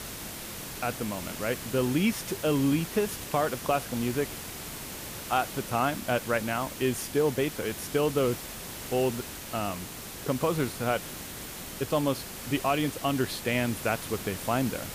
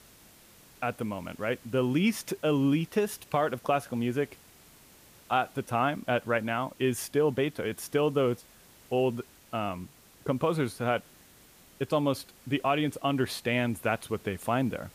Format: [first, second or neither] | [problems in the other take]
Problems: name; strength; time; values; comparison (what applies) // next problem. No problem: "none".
second | hiss; loud; throughout; 8 dB below the speech; faint in the second